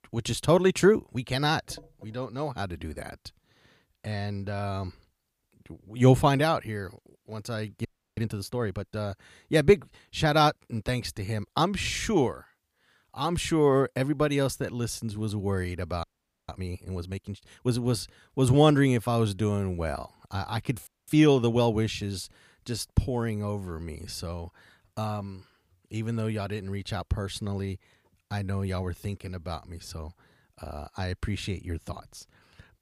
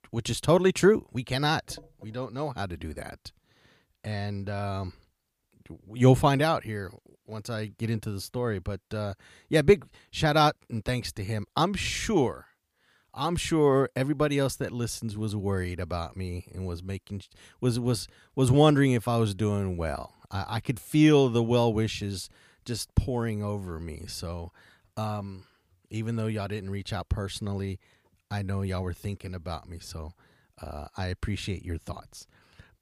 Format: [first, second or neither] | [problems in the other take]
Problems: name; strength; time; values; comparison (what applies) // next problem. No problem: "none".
second | audio freezing; at 8 s, at 16 s and at 21 s